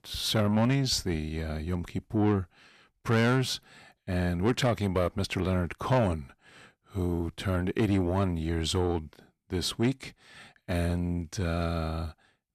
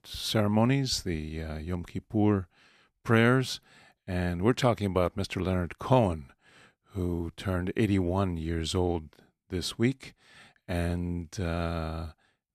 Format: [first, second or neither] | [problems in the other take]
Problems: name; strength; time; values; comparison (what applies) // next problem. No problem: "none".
second | distortion; slight; 10 dB below the speech